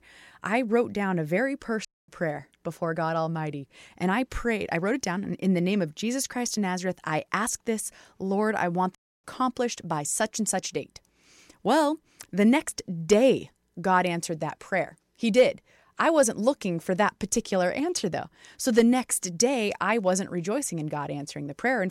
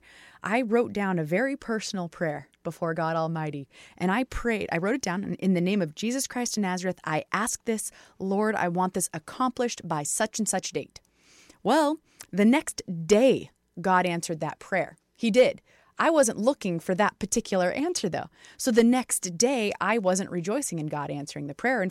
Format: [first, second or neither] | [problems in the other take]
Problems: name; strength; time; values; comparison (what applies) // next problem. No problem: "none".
second | audio cutting out; at 2 s and at 9 s